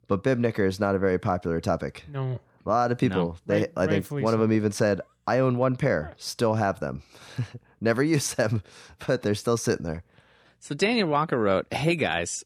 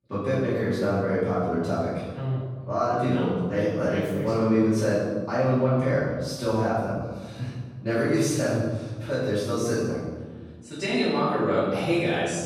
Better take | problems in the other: first | off-mic speech; far // room echo; strong; dies away in 1.3 s

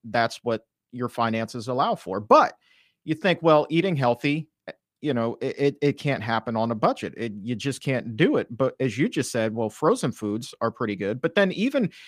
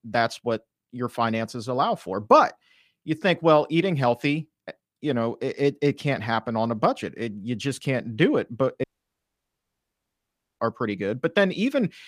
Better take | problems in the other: first | audio cutting out; at 9 s for 2 s

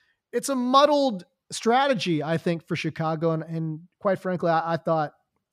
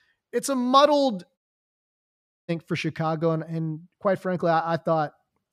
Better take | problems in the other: first | audio cutting out; at 1.5 s for 1 s

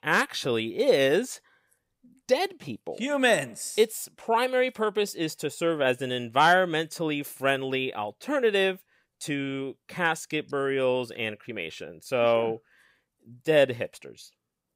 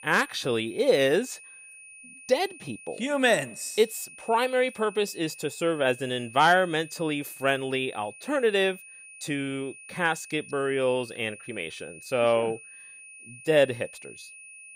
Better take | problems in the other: first | high-pitched whine; noticeable; throughout; 2.5 kHz, 20 dB below the speech

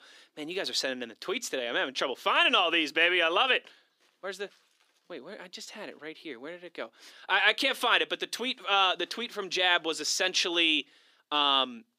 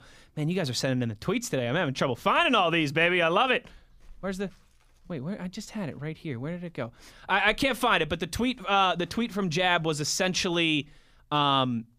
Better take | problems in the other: second | thin; somewhat; fading below 300 Hz

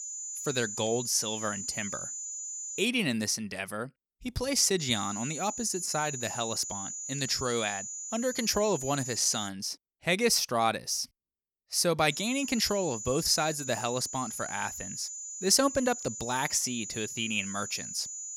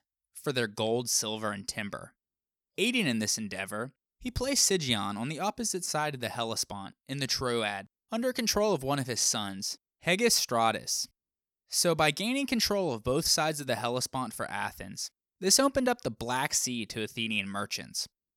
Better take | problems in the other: second | high-pitched whine; loud; until 3 s, from 5 to 9.5 s and from 12 s on; 7 kHz, 7 dB below the speech

